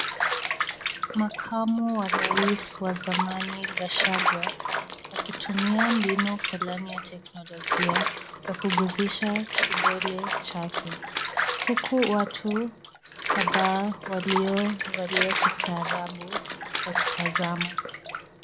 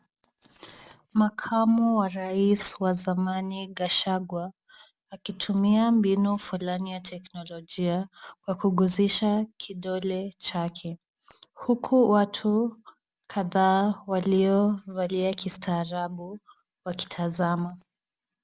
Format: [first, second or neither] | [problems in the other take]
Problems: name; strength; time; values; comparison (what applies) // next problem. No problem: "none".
second | background sound (Bathtub (filling or washing) / Water); as loud as the speech